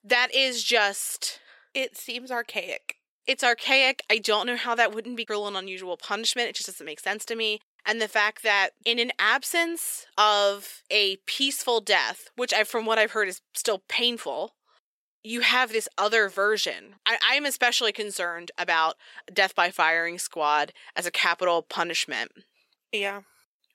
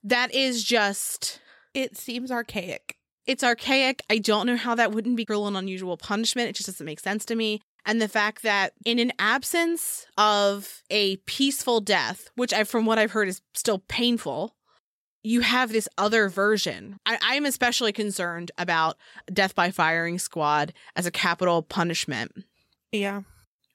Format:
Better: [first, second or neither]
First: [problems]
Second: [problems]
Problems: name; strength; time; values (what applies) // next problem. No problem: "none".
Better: second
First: thin; somewhat; fading below 500 Hz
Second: none